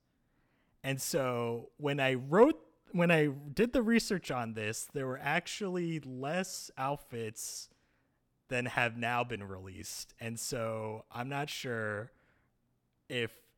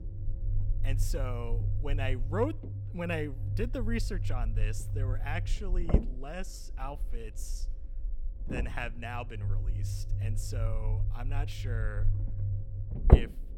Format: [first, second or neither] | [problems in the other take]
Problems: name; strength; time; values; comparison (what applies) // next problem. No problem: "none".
first | low rumble; loud; throughout; 5 dB below the speech